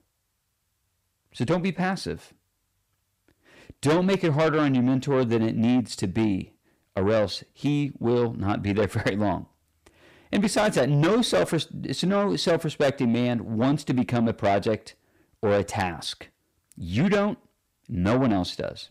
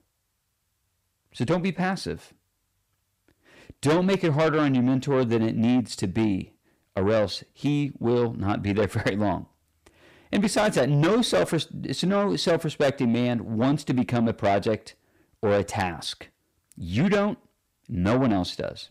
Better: neither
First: distortion; heavy; 8 dB below the speech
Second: distortion; heavy; 8 dB below the speech

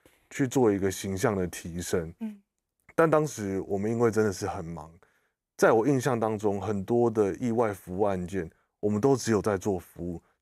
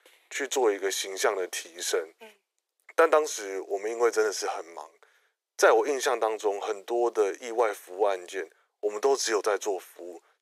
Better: first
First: none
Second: thin; very; fading below 400 Hz

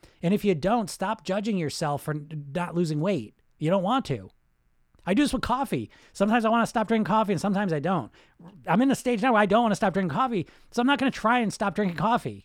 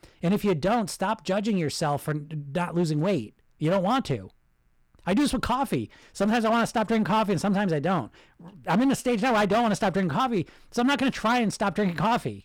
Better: first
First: none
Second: distortion; slight; 9% of the sound clipped

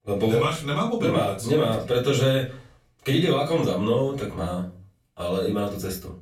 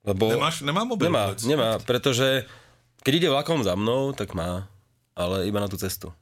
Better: second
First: off-mic speech; far // room echo; slight; dies away in 0.3 s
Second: none

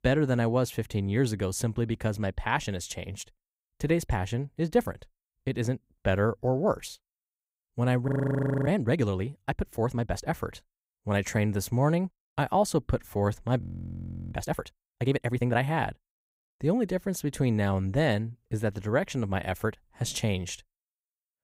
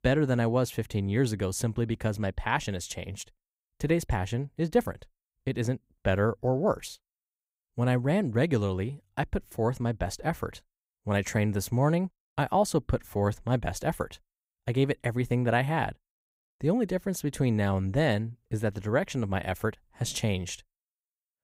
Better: second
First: audio freezing; at 8 s for 0.5 s and at 14 s for 0.5 s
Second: none

